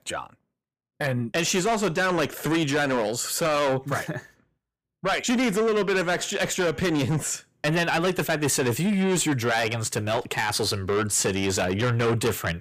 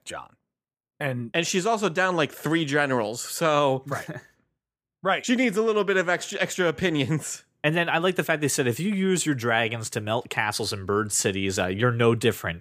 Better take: second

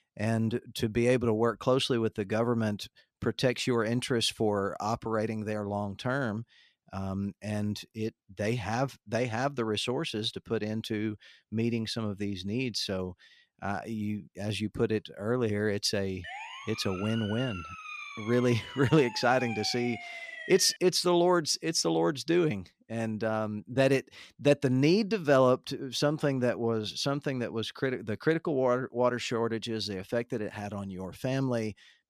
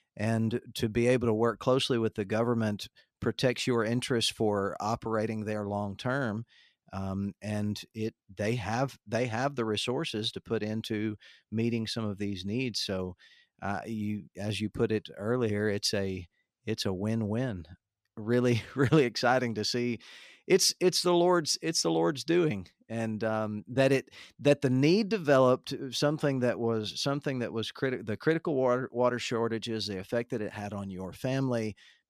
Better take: second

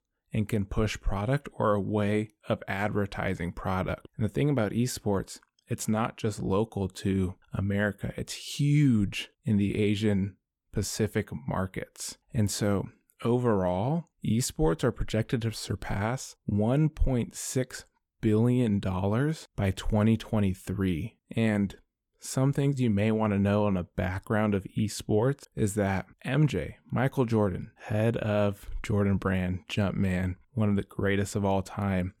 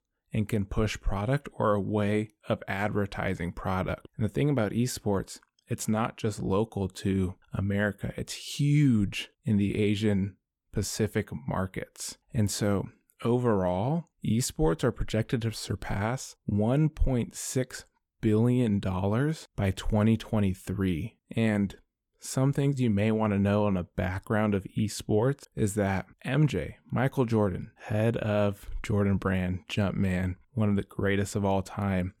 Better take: neither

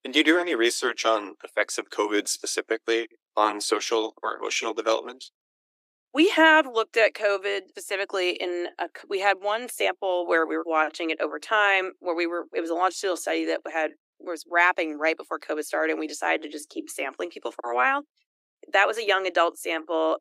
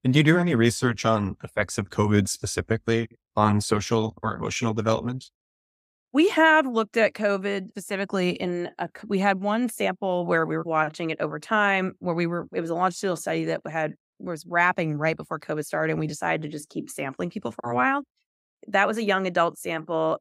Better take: second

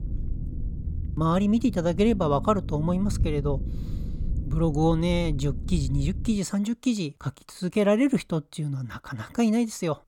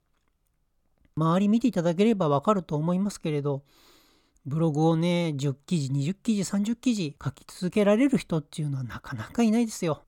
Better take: second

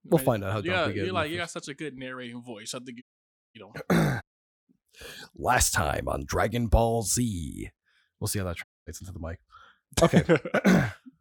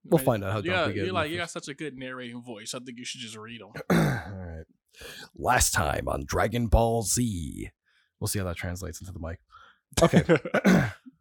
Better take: second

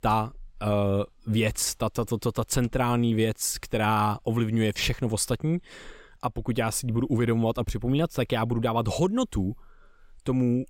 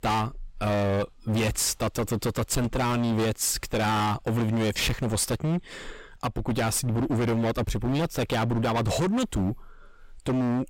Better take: first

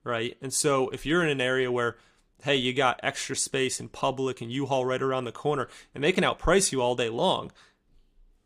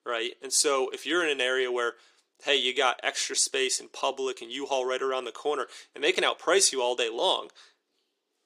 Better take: first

